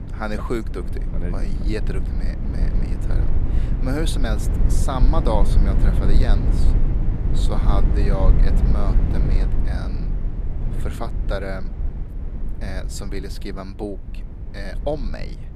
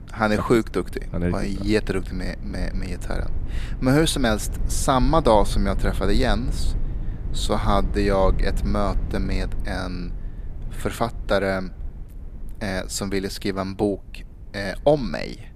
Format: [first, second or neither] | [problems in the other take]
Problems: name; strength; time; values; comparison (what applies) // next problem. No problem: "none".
second | low rumble; loud; throughout; 6 dB below the speech; faint in the second